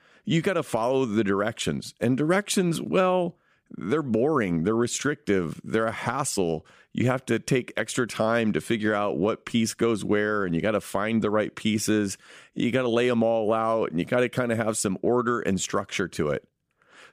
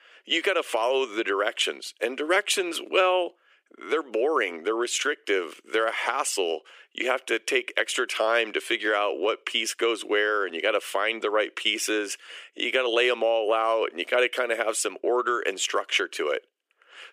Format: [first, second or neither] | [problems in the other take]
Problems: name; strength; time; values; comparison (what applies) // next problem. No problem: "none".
first | thin; very; fading below 350 Hz